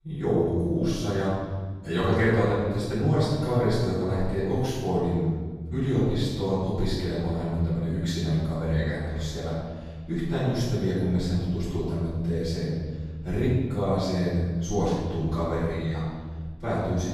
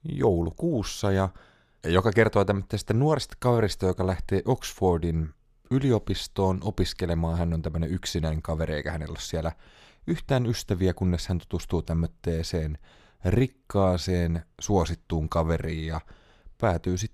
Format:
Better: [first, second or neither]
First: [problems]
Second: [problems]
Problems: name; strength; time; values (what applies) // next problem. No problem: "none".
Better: second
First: room echo; strong; dies away in 1.6 s // off-mic speech; far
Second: none